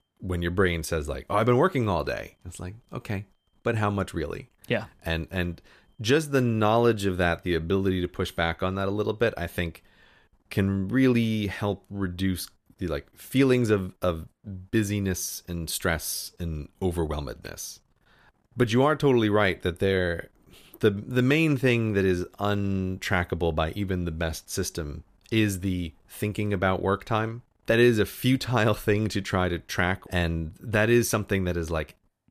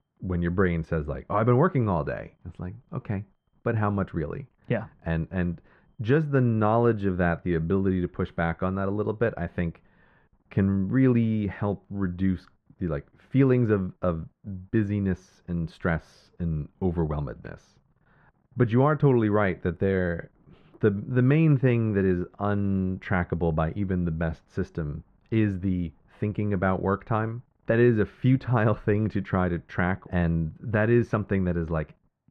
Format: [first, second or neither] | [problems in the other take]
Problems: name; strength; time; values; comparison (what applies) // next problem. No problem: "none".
first | muffled; very; fading above 1.5 kHz